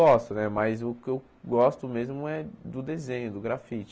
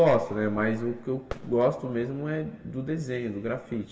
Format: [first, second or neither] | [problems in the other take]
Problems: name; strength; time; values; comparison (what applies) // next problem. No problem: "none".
first | background sound (Fireworks); 19 dB below the speech // room echo; dies away in 1.4 s